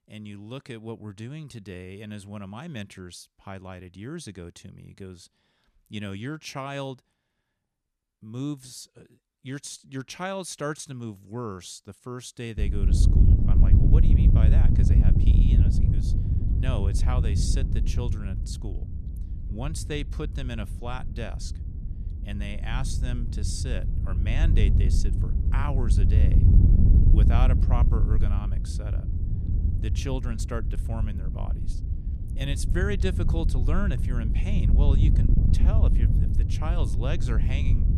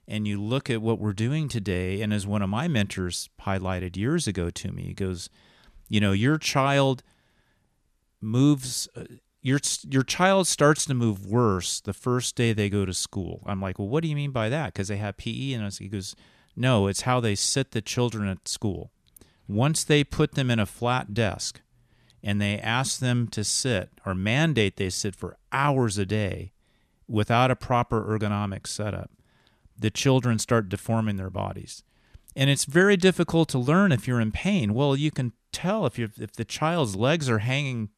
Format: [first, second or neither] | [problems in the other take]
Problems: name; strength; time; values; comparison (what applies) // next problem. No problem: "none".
second | wind noise on the microphone; heavy; from 13 s on; 2 dB below the speech